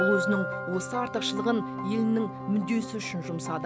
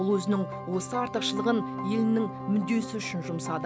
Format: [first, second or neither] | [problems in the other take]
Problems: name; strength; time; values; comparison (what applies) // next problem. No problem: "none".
second | background sound (Bell); 7 dB below the speech